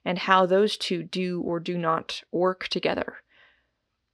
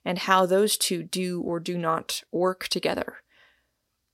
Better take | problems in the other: second | muffled; very slightly; fading above 3 kHz

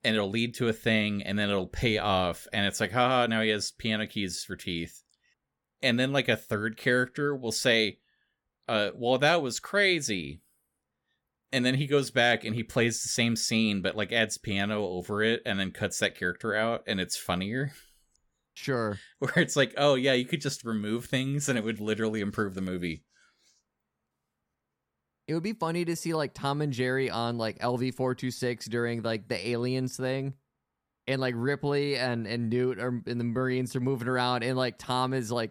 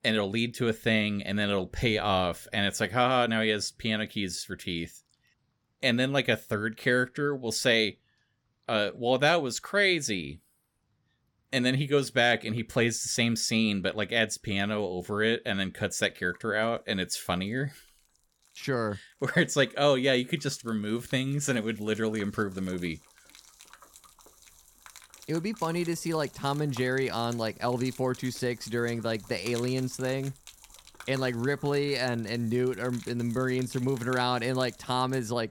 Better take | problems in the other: first | rain or running water; faint; throughout; 20 dB below the speech

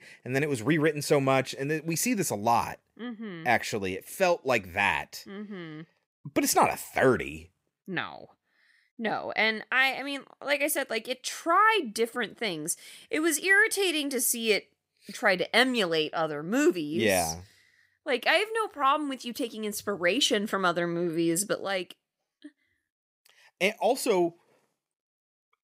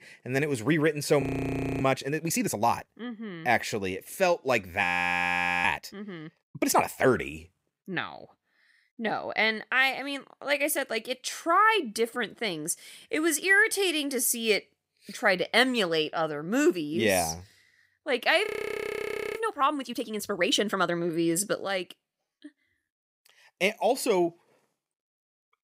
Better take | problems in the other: first | audio freezing; at 1 s for 0.5 s, at 5 s for 1 s and at 18 s for 1 s

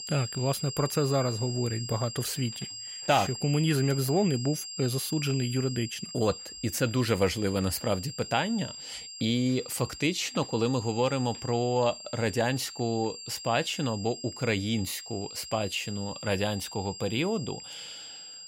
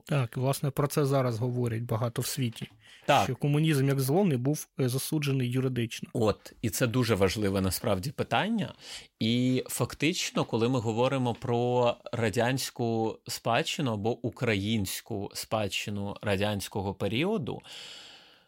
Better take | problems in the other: second | high-pitched whine; loud; throughout; 5 kHz, 10 dB below the speech

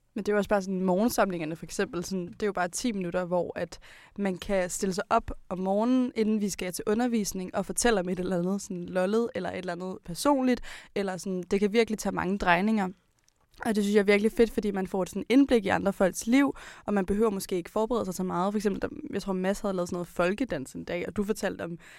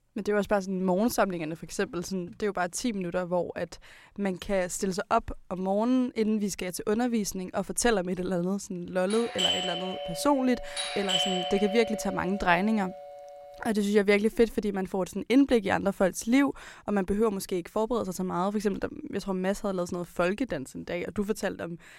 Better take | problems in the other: first | doorbell; loud; from 9 to 13 s; peak 3 dB above the speech

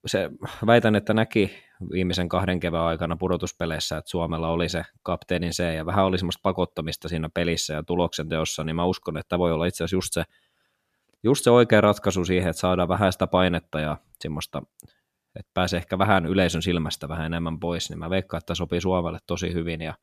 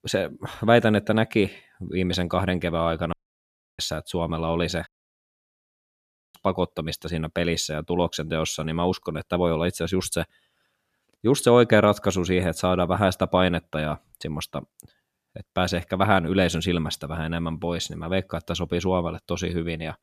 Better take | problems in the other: first | audio cutting out; at 3 s for 0.5 s and at 5 s for 1.5 s

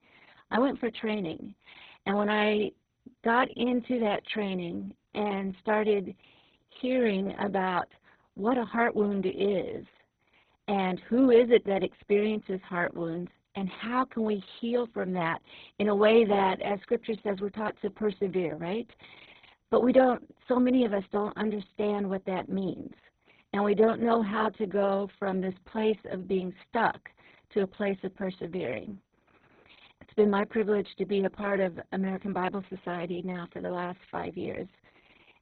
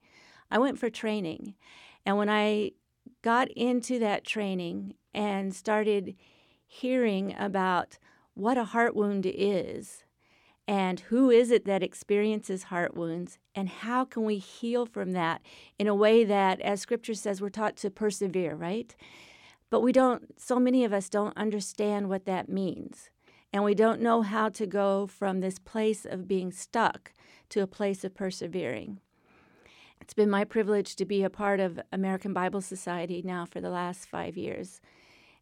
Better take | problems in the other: second | garbled, watery; badly; nothing above 4 kHz

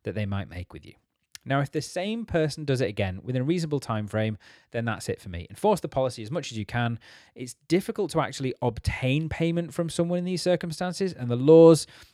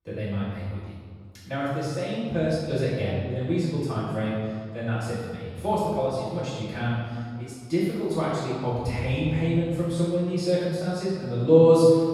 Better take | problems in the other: first | off-mic speech; far // room echo; strong; dies away in 1.8 s

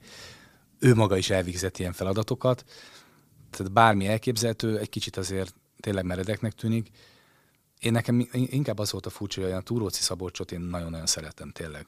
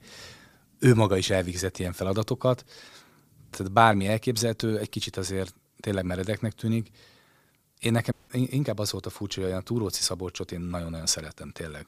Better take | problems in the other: first | audio cutting out; at 8 s

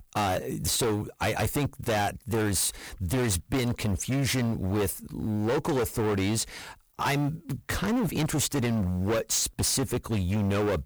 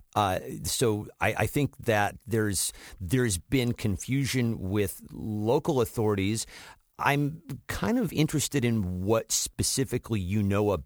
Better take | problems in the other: second | distortion; heavy; 23% of the sound clipped

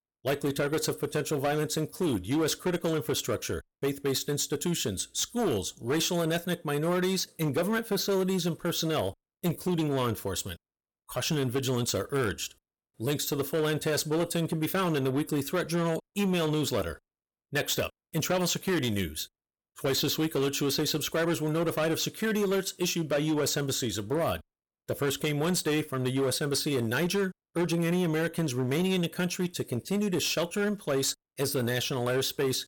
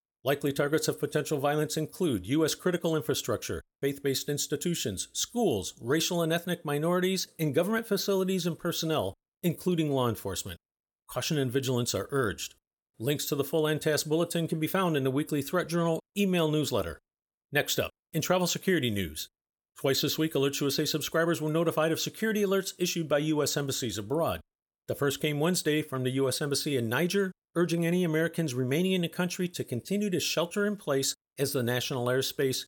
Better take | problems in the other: second | distortion; slight; 11% of the sound clipped

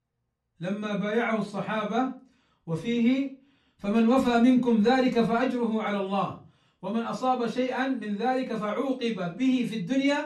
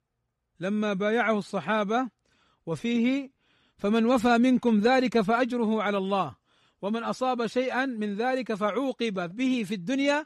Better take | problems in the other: second | off-mic speech; far // room echo; very slight; dies away in 0.3 s

